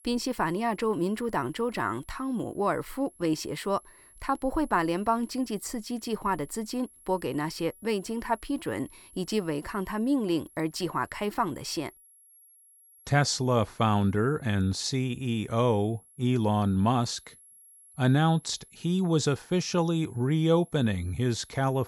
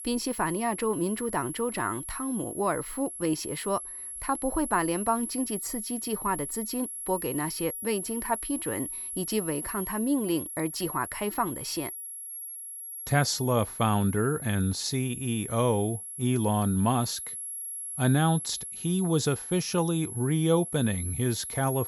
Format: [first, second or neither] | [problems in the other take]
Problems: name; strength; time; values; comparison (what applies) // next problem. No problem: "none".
first | high-pitched whine; loud; throughout; 11 kHz, 6 dB below the speech; faint in the first